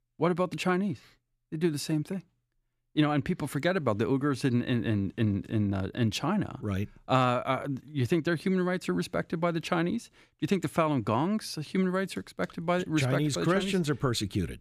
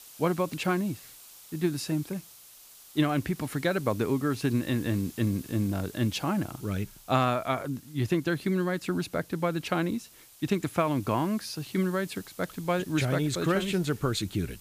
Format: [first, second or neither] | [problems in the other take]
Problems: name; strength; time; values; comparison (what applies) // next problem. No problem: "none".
first | hiss; noticeable; throughout; 20 dB below the speech